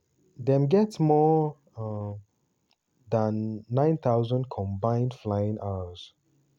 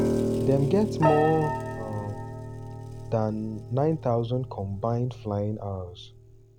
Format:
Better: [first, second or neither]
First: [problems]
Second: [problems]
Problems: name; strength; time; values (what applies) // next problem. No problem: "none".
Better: first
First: none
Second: background sound (Piano); 4 dB below the speech